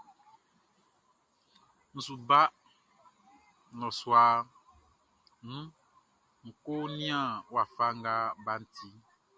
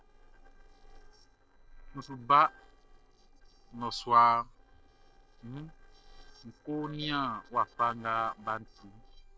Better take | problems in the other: first | noise reduction (neural separator model SepFormer DNS4)

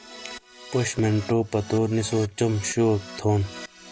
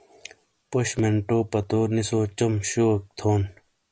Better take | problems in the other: second | background sound (Keyboard (musical)); 17 dB below the speech

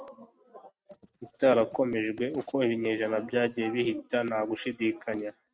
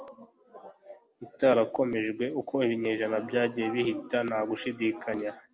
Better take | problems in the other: second | noise reduction (neural mask model RNNoise)

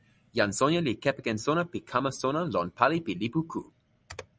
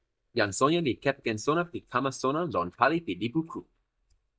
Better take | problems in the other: first | noise reduction (neural mask model DeepFilterNet 3)

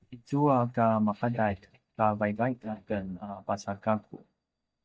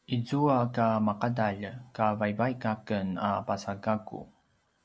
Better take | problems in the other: second | noise reduction (neural mask model DeepFilterNet 3)

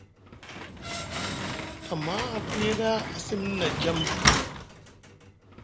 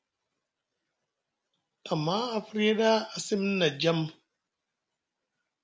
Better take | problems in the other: second | background sound (Slam); 2 dB above the speech

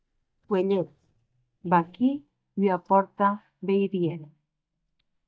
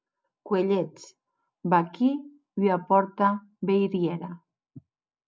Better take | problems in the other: second | noise reduction (neural mask model DeepFilterNet 3)

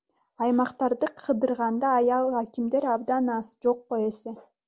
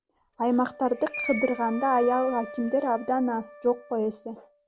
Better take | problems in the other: first | background sound (Screech + Wind instrument, woodwind instrument); 14 dB below the speech

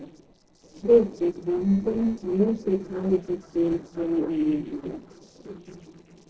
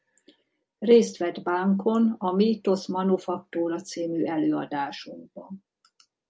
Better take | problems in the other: second | noise reduction (neural separator model SepFormer DNS4)

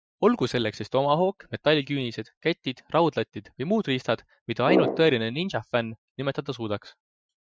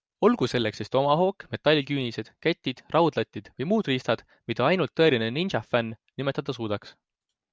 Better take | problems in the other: second | noise reduction (classical method Wiener filter)

